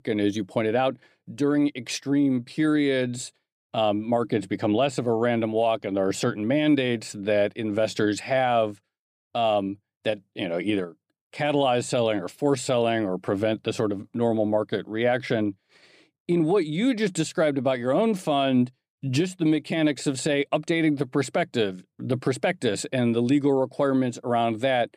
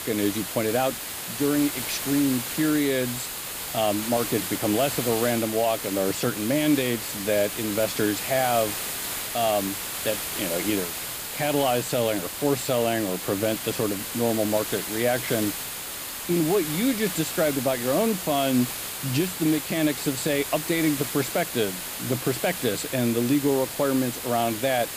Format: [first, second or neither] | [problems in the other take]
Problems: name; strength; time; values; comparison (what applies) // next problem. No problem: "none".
first | hiss; loud; throughout; 4 dB below the speech